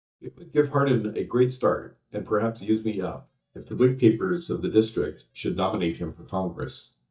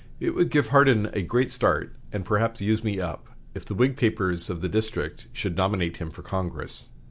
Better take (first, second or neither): second